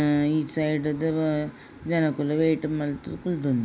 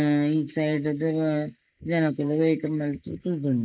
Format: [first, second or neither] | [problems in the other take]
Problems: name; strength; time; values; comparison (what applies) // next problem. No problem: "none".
first | noise reduction (neural mask model Resemble Enhance denoiser)